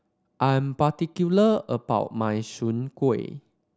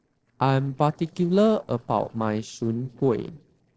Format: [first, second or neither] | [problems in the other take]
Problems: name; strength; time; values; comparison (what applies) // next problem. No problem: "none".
first | noise reduction (neural separator model SepFormer DNS4)